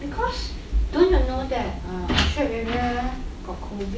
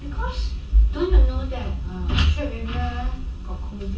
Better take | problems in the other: first | room echo; dies away in 0.1 s

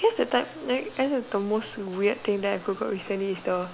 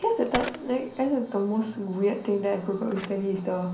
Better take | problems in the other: first | background sound (Telephone); 15 dB below the speech // room echo; dies away in 0.6 s

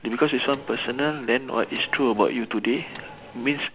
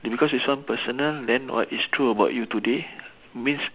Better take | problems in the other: second | background sound (Microwave oven); 18 dB below the speech

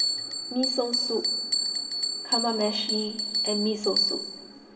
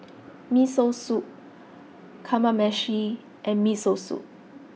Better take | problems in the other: second | background sound (Bell); 2 dB above the speech // room echo; dies away in 2.1 s

